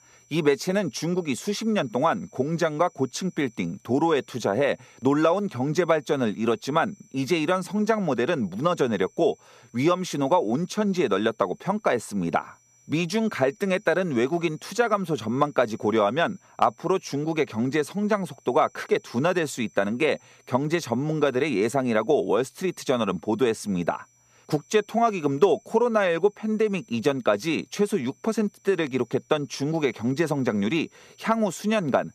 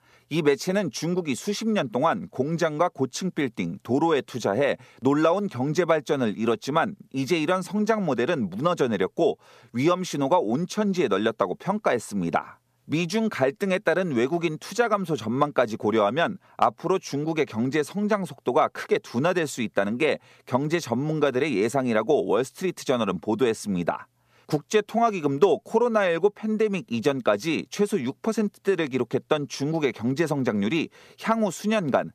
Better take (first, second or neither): second